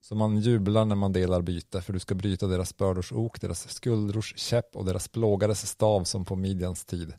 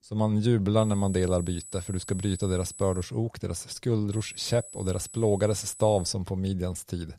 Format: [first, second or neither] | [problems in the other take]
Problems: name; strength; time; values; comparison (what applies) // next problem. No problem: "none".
first | high-pitched whine; noticeable; from 1 to 3 s and from 4 to 6 s; 8 kHz, 15 dB below the speech